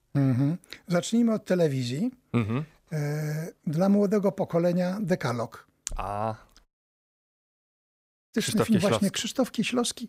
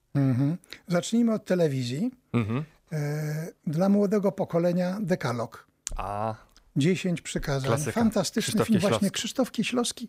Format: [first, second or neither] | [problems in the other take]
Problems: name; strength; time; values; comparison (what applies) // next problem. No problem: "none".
second | audio cutting out; at 6.5 s for 1.5 s